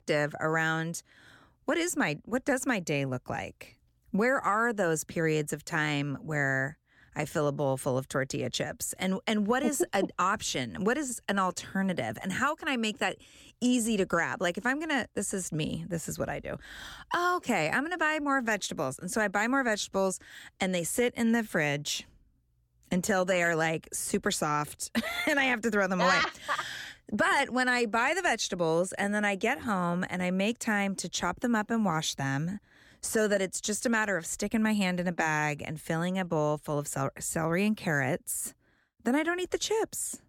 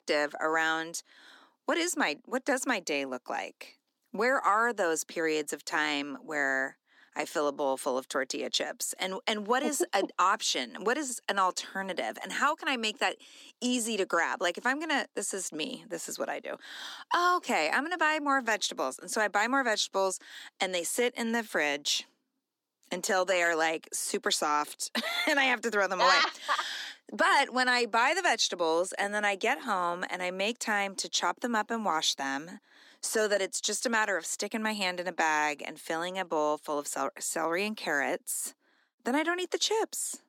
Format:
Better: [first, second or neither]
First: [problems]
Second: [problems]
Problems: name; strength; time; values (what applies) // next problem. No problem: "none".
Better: first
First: none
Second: thin; somewhat; fading below 250 Hz